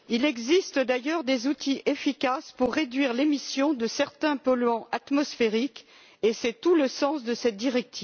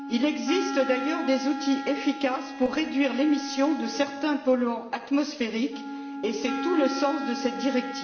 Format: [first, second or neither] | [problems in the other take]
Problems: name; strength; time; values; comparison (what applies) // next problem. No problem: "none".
first | background sound (Wind instrument, woodwind instrument); 8 dB below the speech // room echo; dies away in 2.9 s